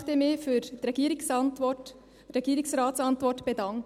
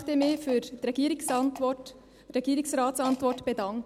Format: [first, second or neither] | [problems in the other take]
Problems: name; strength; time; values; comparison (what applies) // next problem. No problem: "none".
first | background sound (Fart); 18 dB below the speech